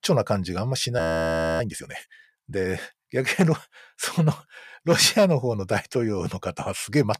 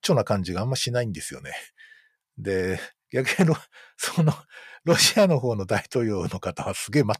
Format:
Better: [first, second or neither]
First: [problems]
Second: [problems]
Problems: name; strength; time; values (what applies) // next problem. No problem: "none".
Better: second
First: audio freezing; at 1 s for 0.5 s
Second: none